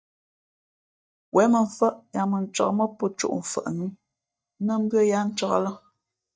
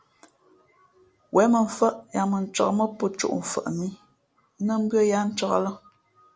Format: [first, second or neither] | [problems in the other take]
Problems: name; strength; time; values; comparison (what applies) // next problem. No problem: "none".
second | noise reduction (neural mask model DeepFilterNet 3)